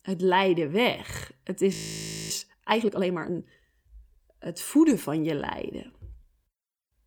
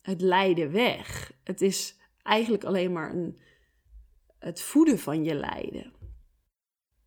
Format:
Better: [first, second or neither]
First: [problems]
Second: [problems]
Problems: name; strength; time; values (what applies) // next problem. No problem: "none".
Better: second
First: audio freezing; at 1.5 s for 0.5 s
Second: none